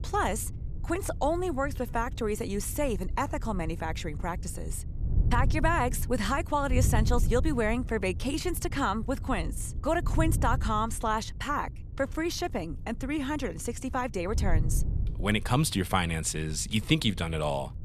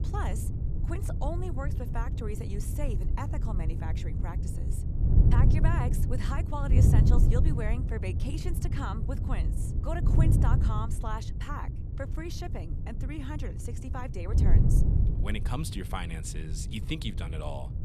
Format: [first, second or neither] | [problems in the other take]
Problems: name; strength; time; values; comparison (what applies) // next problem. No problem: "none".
first | wind noise on the microphone; heavy; 3 dB below the speech; occasional gusts in the first